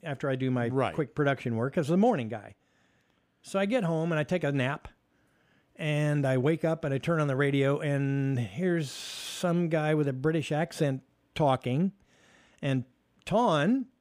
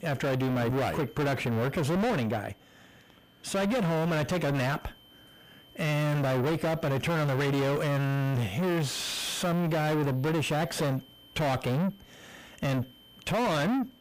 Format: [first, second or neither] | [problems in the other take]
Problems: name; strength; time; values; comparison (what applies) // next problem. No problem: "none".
first | distortion; heavy; 5 dB below the speech